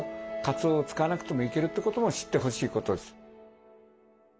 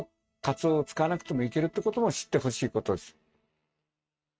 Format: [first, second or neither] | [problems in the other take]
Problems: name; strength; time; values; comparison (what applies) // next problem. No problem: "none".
first | noise reduction (neural mask model RNNoise)